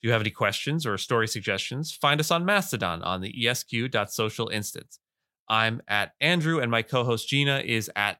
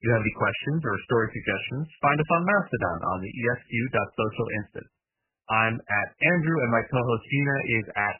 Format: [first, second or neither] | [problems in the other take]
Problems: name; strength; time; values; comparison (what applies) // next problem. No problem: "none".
first | garbled, watery; badly; nothing above 3 kHz